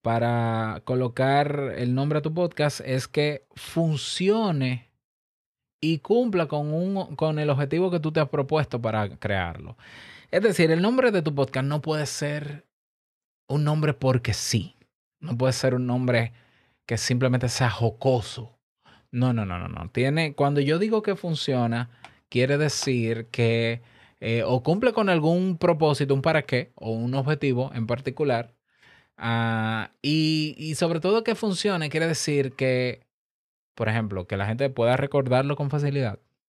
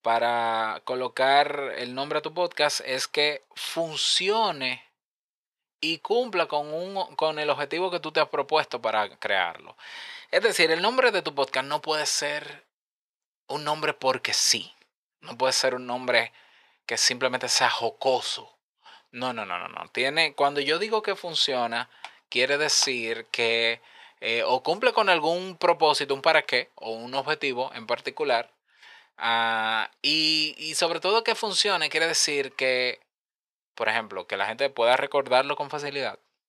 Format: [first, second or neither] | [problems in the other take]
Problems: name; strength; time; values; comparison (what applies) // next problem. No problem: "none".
first | thin; very; fading below 550 Hz